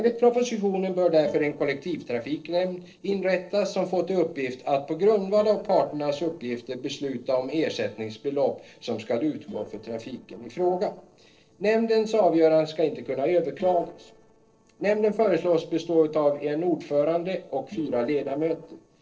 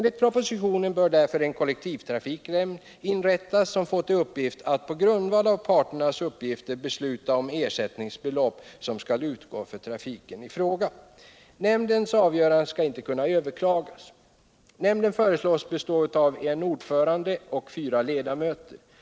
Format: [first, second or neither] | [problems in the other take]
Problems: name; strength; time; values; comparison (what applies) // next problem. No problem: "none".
second | noise reduction (neural separator model SepFormer DNS4)